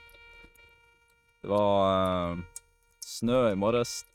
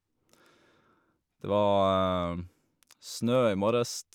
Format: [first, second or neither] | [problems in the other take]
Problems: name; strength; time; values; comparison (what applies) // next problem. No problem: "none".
second | noise reduction (neural mask model RNNoise)